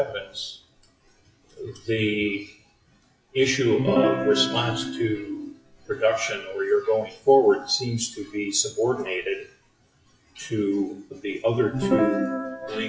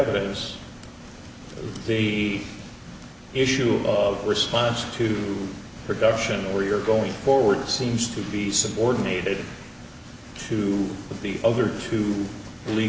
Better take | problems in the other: second | noise reduction (classical method WPE with log-MMSE)

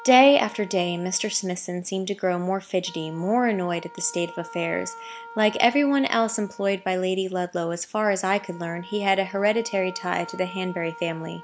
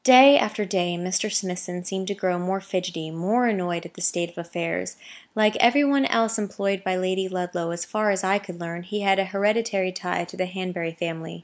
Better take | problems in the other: second | background sound (Wind instrument, woodwind instrument); 19 dB below the speech

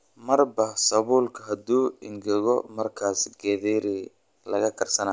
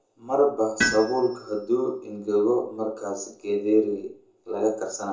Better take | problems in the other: first | background sound (Tools); 8 dB below the speech // room echo; dies away in 0.5 s

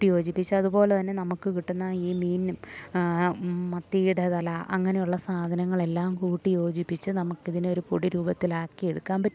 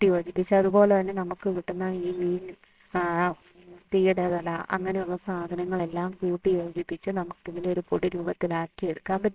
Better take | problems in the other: first | noise reduction (neural separator model SepFormer WHAMR!)

